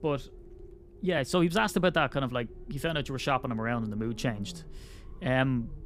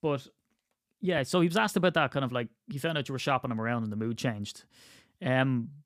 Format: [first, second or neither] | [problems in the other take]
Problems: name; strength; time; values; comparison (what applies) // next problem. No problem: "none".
second | low rumble; faint; throughout; 25 dB below the speech